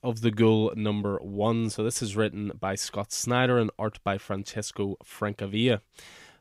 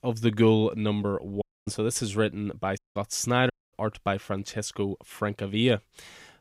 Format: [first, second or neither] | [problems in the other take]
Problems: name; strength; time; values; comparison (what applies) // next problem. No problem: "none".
first | audio cutting out; at 1.5 s, at 3 s and at 3.5 s